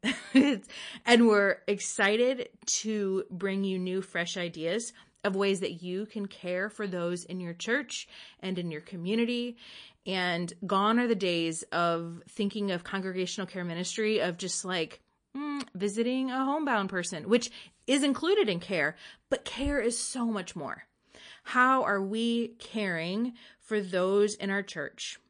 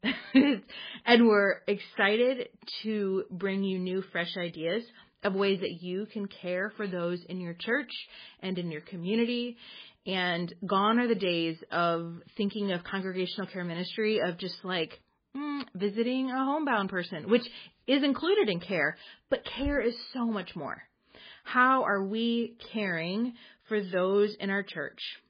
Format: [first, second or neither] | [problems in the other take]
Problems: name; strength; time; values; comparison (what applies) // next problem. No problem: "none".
first | garbled, watery; badly; slightly in the first